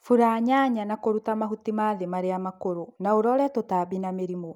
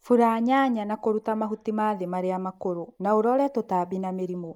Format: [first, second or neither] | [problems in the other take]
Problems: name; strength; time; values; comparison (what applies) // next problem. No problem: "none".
first | noise reduction (neural mask model Resemble Enhance denoiser)